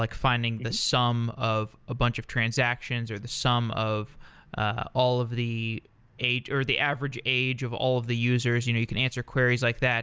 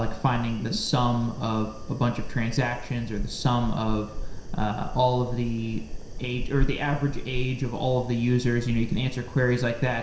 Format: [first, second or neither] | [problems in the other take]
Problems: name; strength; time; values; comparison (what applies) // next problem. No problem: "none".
first | background sound (Fire); 5 dB below the speech // room echo; dies away in 0.7 s